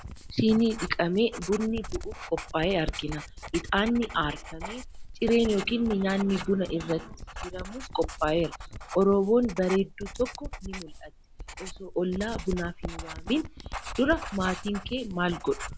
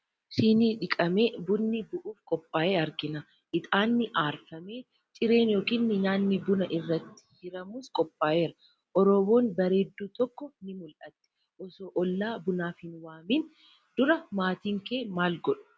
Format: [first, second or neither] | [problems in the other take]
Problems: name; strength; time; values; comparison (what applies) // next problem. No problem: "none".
second | background sound (Writing); 10 dB below the speech